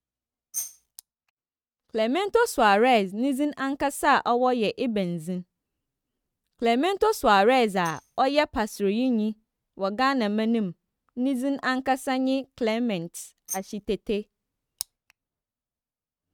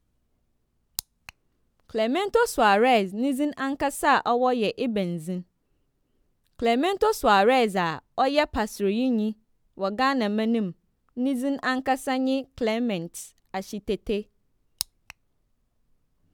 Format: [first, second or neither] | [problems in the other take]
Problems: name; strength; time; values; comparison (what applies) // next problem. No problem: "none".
second | noise reduction (neural mask model RNNoise)